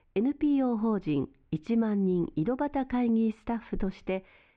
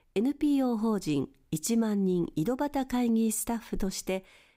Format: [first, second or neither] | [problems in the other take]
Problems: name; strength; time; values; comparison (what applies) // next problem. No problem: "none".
second | muffled; very; fading above 3 kHz